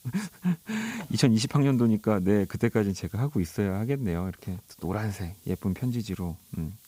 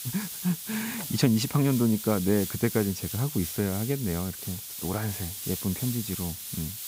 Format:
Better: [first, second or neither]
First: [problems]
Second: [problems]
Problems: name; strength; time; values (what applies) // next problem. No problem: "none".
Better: first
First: hiss; faint; throughout; 25 dB below the speech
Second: hiss; loud; throughout; 6 dB below the speech